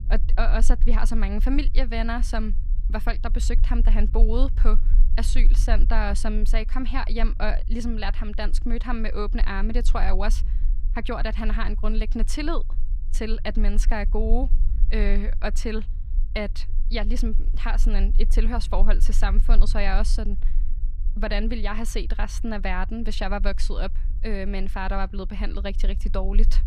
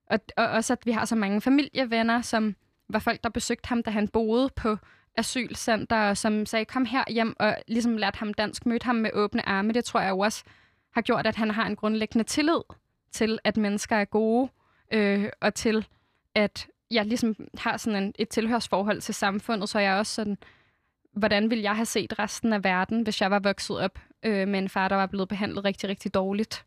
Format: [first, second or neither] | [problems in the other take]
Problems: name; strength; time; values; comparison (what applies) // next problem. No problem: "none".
second | low rumble; noticeable; throughout; 20 dB below the speech